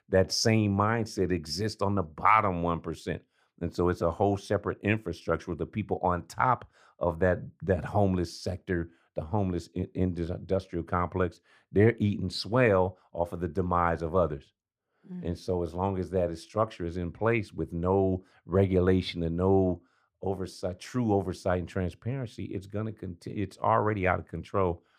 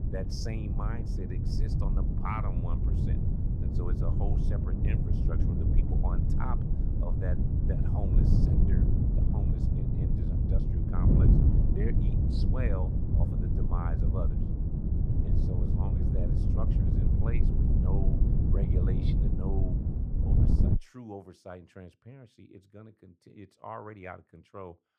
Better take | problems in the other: first | wind noise on the microphone; heavy; until 21 s; 2 dB above the speech

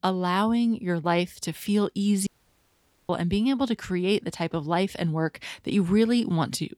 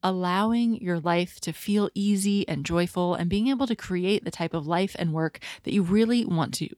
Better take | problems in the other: second | audio cutting out; at 2.5 s for 1 s

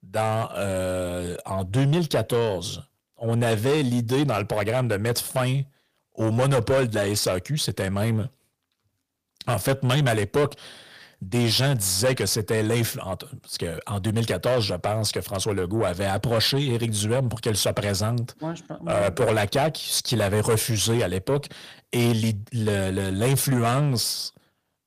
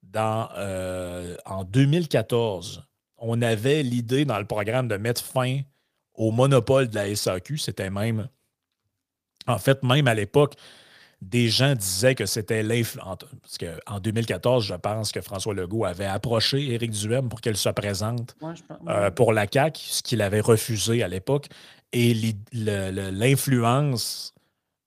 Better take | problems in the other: second | distortion; heavy; 8 dB below the speech

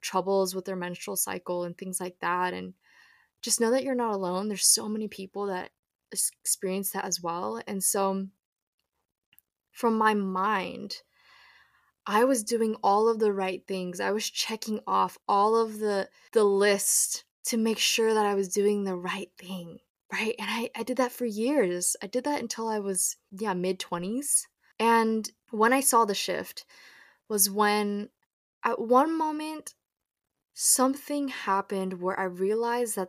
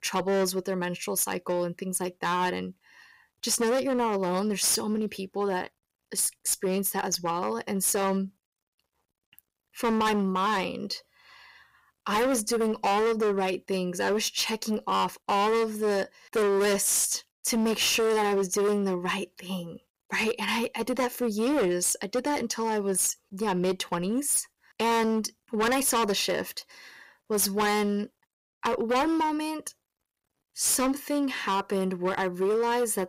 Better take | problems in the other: first | distortion; heavy; 14% of the sound clipped

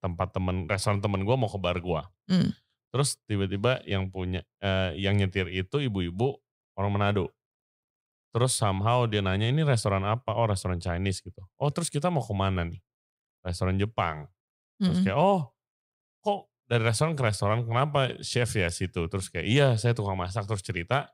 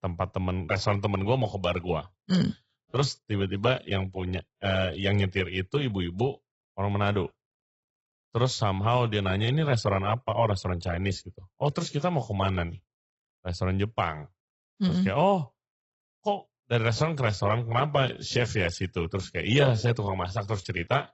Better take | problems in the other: first | garbled, watery; badly; nothing above 8 kHz

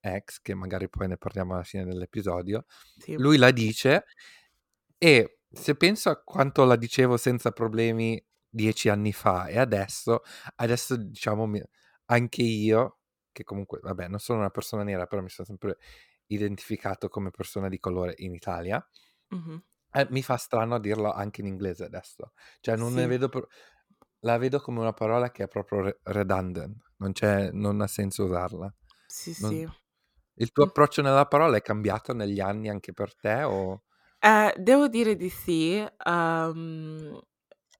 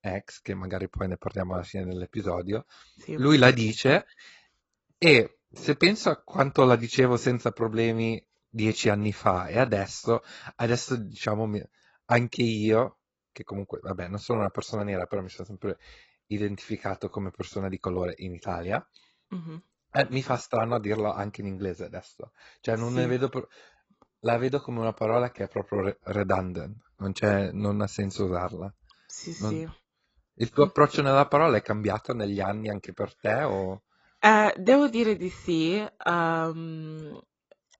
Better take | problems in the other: first | garbled, watery; badly; nothing above 8 kHz

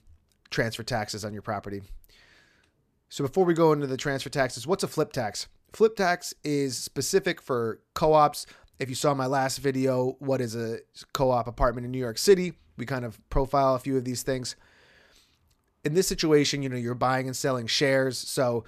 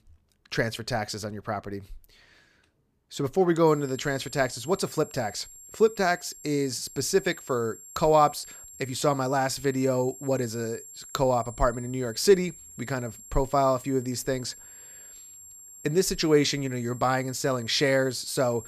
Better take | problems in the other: first | high-pitched whine; noticeable; from 3.5 s on; 7.5 kHz, 15 dB below the speech

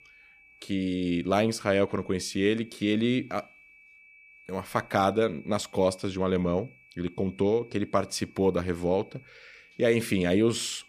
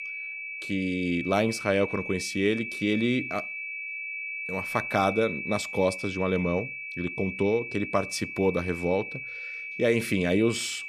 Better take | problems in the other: first | high-pitched whine; loud; throughout; 2.5 kHz, 6 dB below the speech; faint in the first

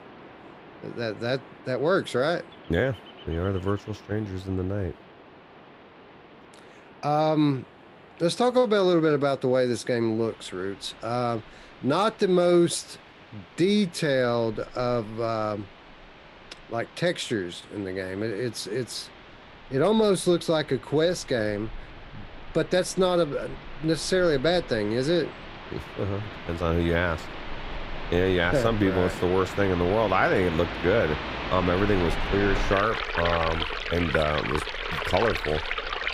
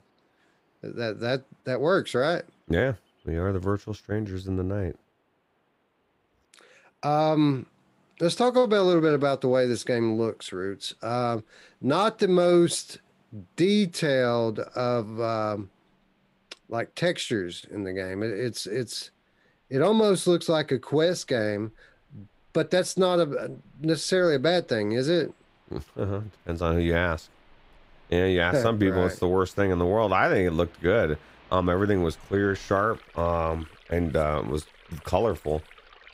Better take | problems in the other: second | rain or running water; loud; throughout; 8 dB below the speech; faint in the second

